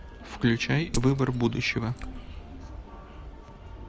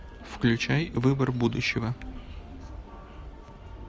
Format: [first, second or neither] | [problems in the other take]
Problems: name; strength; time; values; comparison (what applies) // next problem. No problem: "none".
second | background sound (Glass); 12 dB below the speech